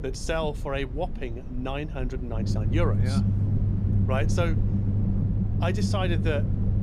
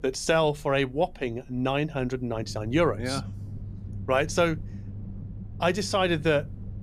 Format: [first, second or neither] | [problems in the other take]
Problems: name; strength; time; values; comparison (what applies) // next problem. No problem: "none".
second | low rumble; loud; throughout; 6 dB below the speech; faint in the second